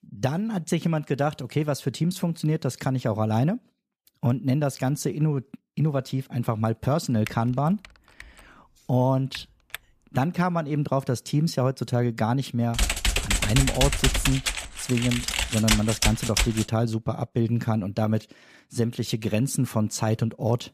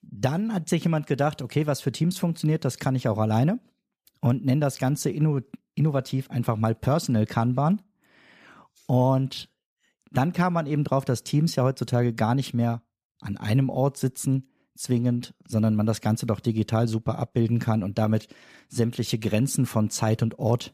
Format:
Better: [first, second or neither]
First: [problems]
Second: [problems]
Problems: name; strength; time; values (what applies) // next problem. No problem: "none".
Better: second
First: keyboard typing; faint; from 7.5 to 10 s; peak 15 dB below the speech // keyboard typing; loud; from 13 to 17 s; peak 3 dB above the speech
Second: none